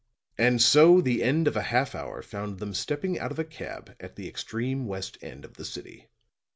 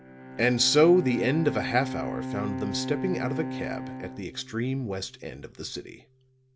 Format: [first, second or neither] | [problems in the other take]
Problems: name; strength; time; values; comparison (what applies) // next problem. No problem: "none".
first | background sound (Bowed string instrument); 8 dB below the speech